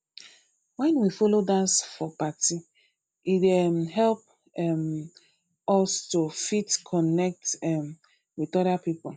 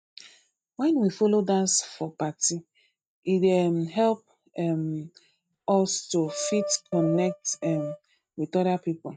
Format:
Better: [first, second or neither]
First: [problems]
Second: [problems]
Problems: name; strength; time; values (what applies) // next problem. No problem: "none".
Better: first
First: none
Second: noise reduction (neural mask model RNNoise)